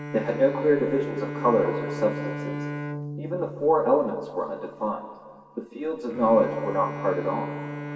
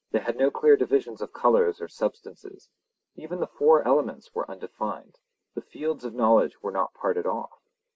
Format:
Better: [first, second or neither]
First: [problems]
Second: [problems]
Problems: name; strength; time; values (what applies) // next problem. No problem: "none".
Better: second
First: background sound (Bowed string instrument); 9 dB below the speech // room echo; dies away in 2.3 s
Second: none